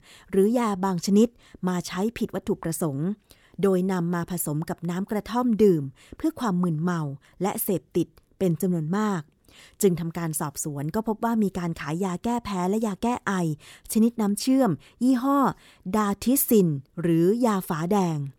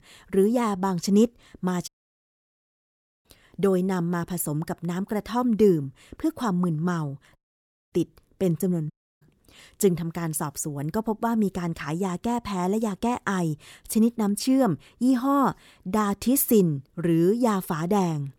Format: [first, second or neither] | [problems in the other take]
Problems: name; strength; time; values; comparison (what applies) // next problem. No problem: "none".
first | audio cutting out; at 2 s for 1.5 s, at 7.5 s for 0.5 s and at 9 s